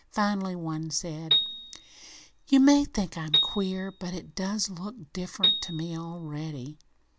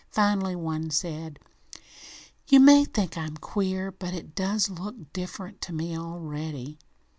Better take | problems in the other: second | background sound (Piano); 1 dB below the speech

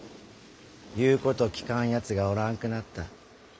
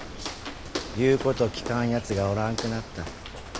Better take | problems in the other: first | background sound (Walk, footsteps); 9 dB below the speech

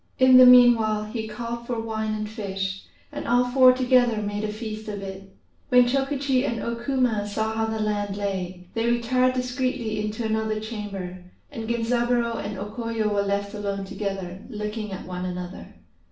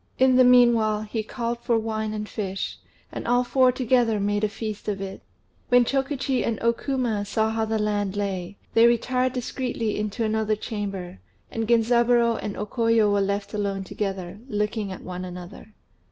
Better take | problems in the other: second | room echo; dies away in 0.4 s

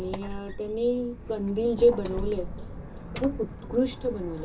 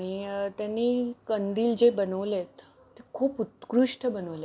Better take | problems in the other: second | background sound (Squeak); 9 dB below the speech // room echo; dies away in 0.2 s

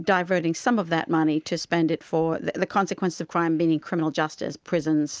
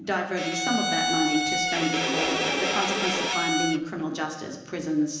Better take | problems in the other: first | background sound (Bowed string instrument); 1 dB above the speech // room echo; dies away in 1 s

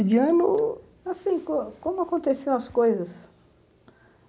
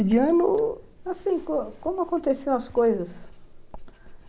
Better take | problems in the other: first | background sound (Writing); 17 dB below the speech

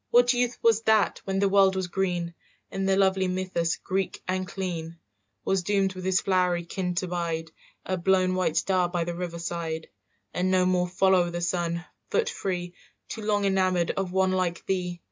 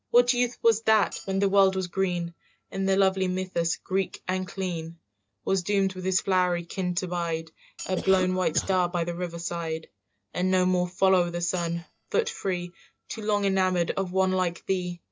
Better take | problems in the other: first | noise reduction (neural separator model SepFormer DNS4)

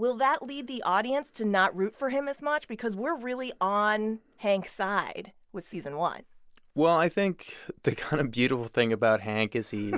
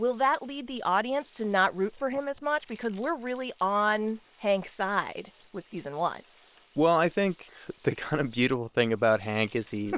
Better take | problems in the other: first | noise reduction (neural separator model SepFormer WHAM!)

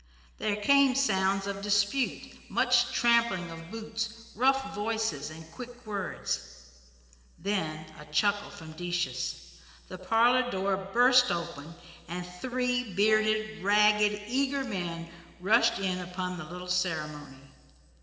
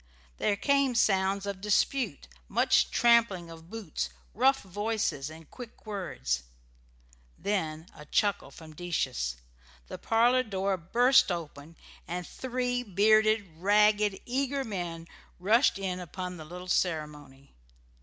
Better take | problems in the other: second | background sound (Brass instrument); 19 dB below the speech // room echo; dies away in 3 s

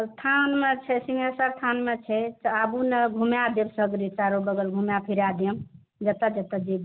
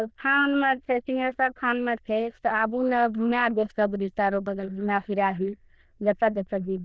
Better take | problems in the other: first | noise reduction (neural diffusion model UNIVERSE++)

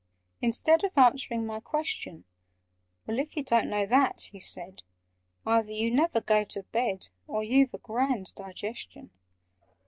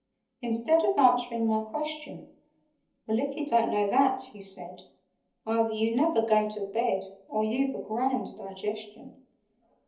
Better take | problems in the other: first | room echo; dies away in 0.7 s

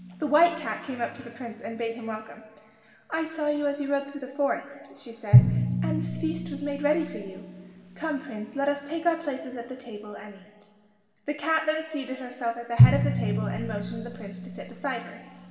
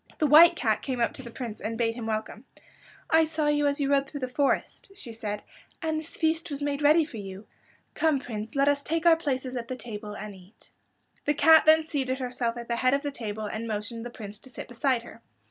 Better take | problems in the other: second | background sound (Drum); 1 dB above the speech // room echo; dies away in 2 s

